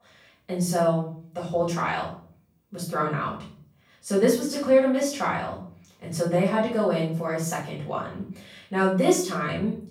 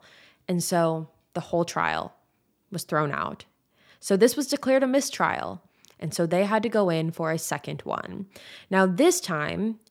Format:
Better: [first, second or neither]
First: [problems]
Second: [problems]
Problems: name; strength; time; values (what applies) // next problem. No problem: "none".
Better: second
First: room echo; noticeable; dies away in 0.5 s // off-mic speech; far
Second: none